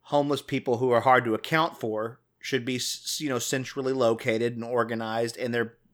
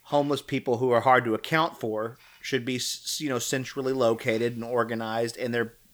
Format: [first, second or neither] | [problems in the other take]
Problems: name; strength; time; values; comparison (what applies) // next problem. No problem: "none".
first | hiss; faint; throughout; 30 dB below the speech